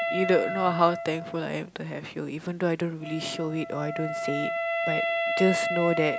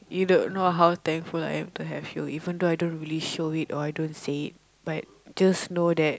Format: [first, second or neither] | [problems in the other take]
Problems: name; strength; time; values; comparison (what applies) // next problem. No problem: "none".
second | background sound (Wind instrument, woodwind instrument); 3 dB below the speech